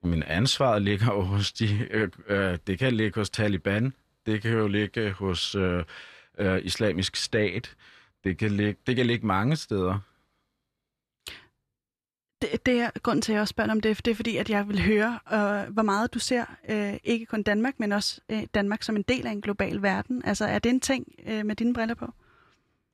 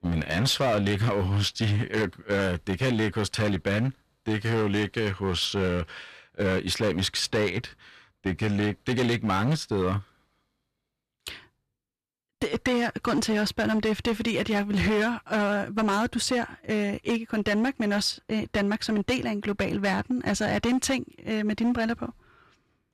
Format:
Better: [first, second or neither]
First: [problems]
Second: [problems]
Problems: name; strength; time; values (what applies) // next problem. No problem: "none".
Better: first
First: none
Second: distortion; slight; 11% of the sound clipped